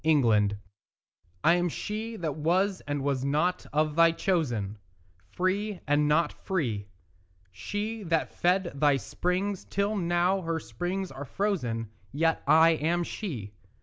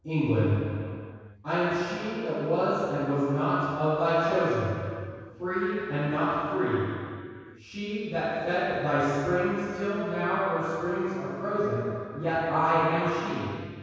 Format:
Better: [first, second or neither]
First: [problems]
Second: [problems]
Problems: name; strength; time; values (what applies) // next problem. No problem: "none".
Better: first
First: none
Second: room echo; dies away in 2.2 s